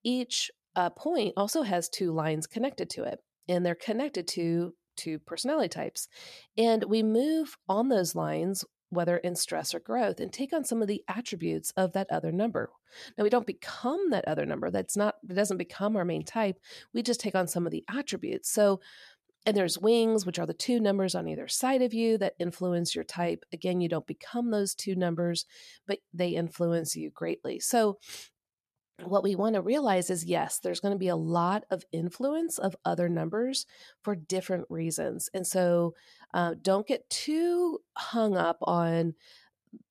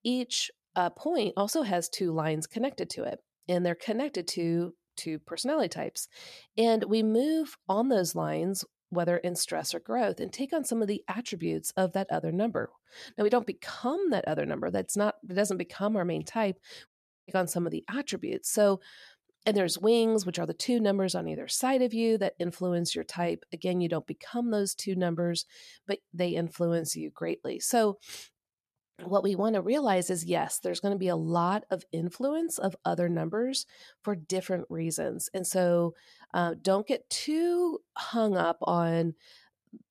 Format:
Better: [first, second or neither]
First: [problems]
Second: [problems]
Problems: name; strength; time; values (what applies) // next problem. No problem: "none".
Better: first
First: none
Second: audio cutting out; at 17 s